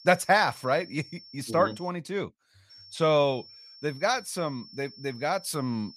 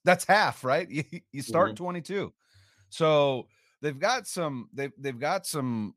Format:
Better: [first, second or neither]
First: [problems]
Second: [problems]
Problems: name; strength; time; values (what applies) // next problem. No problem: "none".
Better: second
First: high-pitched whine; noticeable; until 2 s and from 2.5 s on; 5.5 kHz, 20 dB below the speech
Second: none